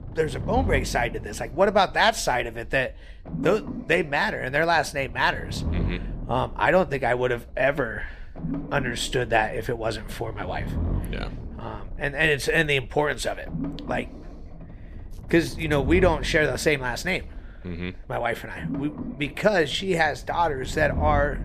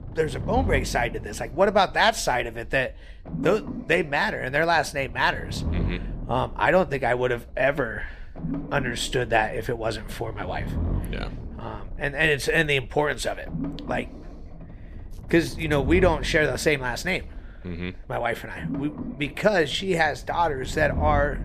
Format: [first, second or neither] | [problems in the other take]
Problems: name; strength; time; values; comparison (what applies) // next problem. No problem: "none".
neither | low rumble; noticeable; throughout; 20 dB below the speech; the same in both